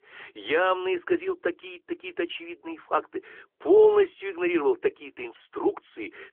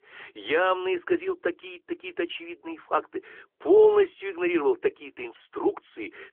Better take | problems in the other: neither | phone-call audio; nothing above 3 kHz; the same in both

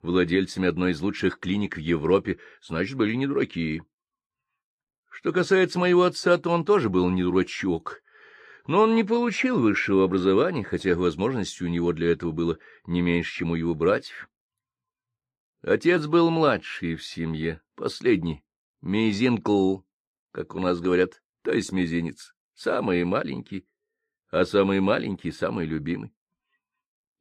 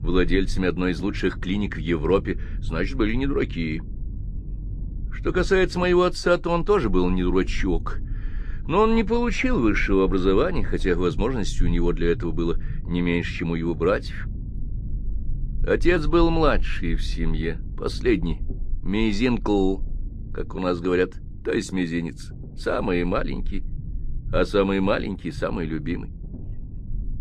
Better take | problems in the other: first | low rumble; faint; throughout; 25 dB below the speech

